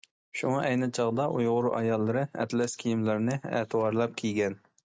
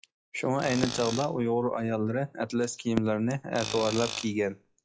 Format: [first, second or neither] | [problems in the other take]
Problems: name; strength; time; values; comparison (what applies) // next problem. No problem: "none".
first | noise reduction (classical method log-MMSE)